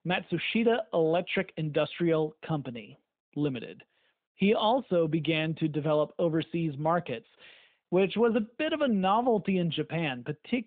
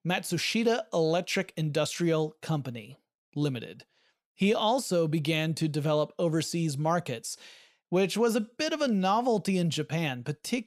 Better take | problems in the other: second | phone-call audio; nothing above 3.5 kHz

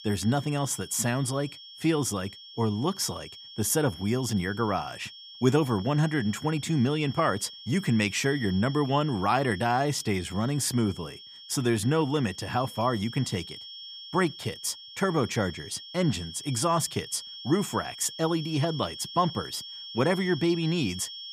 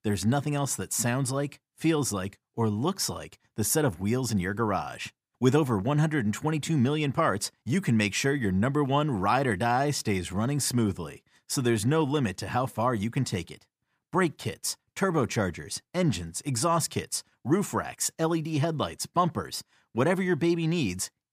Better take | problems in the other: second | high-pitched whine; noticeable; throughout; 3.5 kHz, 15 dB below the speech

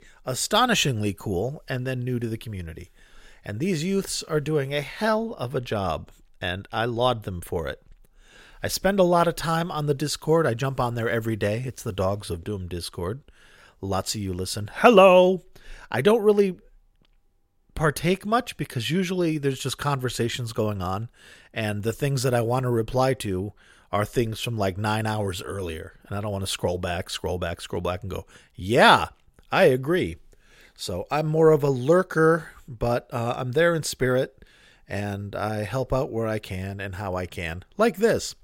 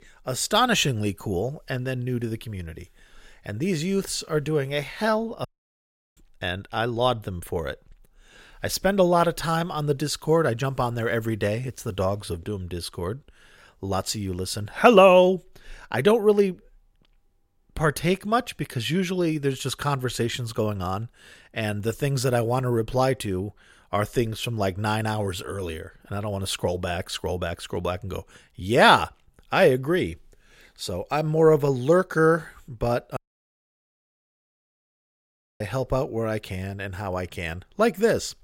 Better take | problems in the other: first | audio cutting out; at 5.5 s for 0.5 s and at 33 s for 2.5 s

